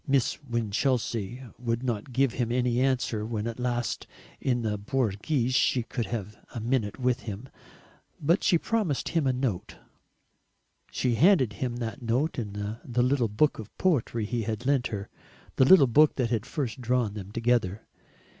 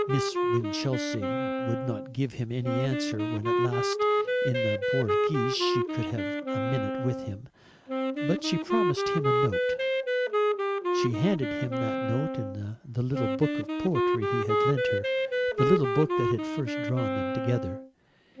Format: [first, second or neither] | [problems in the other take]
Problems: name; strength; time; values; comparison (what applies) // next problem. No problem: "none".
first | background sound (Wind instrument, woodwind instrument); 3 dB above the speech